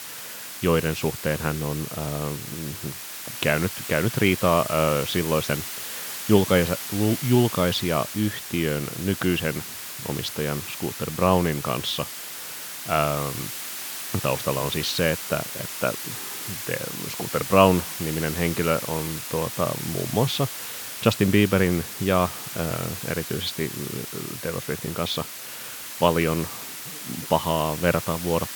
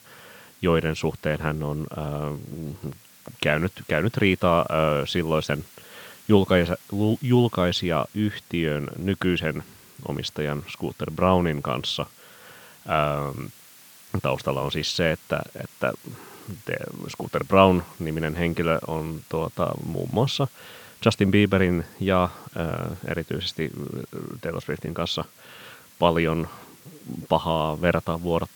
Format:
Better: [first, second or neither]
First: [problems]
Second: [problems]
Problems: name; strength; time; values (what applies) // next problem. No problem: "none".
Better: second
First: hiss; loud; throughout; 7 dB below the speech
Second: hiss; faint; throughout; 25 dB below the speech